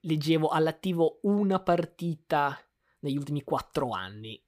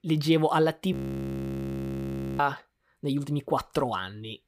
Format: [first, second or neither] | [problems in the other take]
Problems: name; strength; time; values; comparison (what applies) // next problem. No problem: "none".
first | audio freezing; at 1 s for 1.5 s